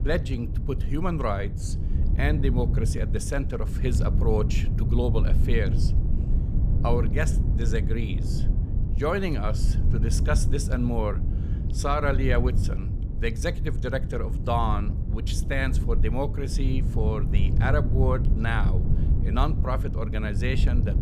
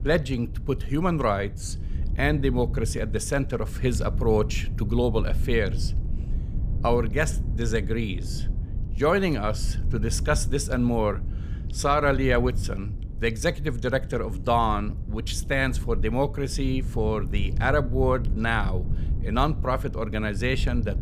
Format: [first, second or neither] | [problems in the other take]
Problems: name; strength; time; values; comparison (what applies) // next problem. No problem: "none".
second | wind noise on the microphone; heavy; 9 dB below the speech; occasional gusts in the second